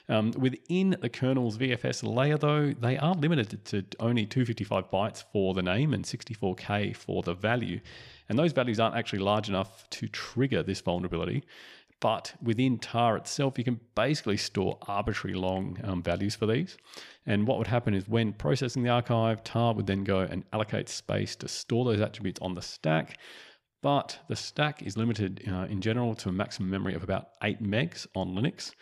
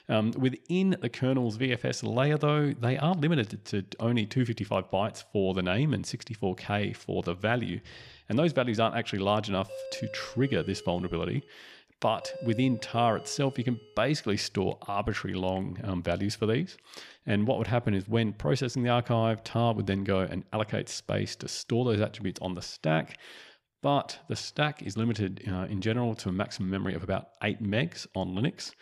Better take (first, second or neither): first